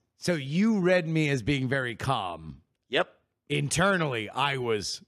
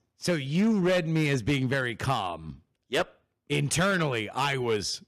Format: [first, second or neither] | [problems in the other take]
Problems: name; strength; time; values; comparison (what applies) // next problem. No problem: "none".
first | distortion; slight; 8% of the sound clipped